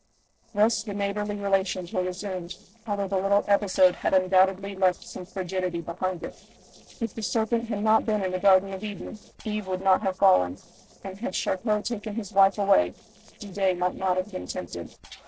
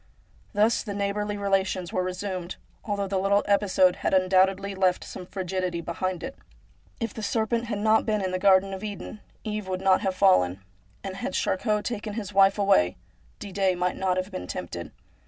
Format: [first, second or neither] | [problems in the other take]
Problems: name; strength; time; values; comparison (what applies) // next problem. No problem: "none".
second | noise reduction (neural separator model SepFormer DNS4)